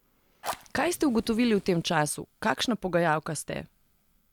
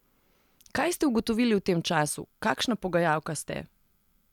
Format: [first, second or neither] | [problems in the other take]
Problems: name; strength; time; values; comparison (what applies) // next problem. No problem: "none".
second | background sound (Fire); 18 dB below the speech